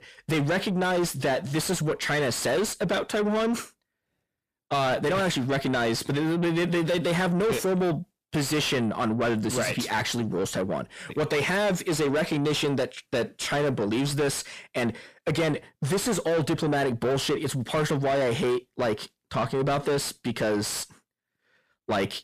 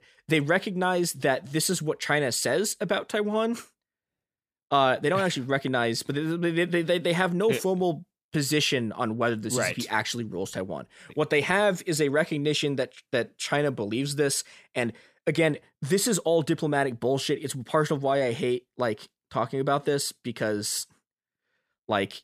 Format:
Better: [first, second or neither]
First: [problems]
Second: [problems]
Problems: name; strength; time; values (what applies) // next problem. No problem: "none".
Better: second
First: distortion; heavy; 7 dB below the speech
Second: none